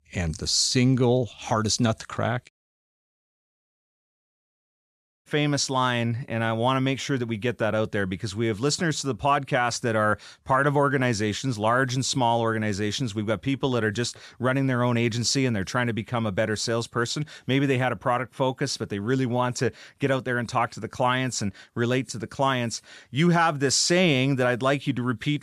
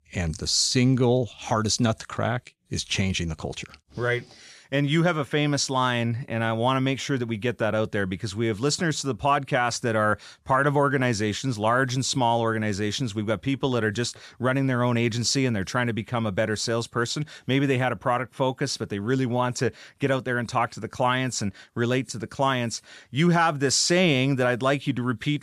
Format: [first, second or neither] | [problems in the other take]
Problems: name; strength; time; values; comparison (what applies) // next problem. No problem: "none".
second | audio cutting out; at 2.5 s for 3 s